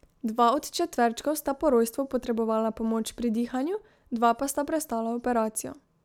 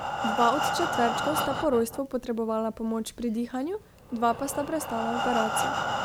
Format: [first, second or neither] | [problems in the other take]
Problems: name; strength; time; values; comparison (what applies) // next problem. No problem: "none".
first | background sound (Breathing); 3 dB below the speech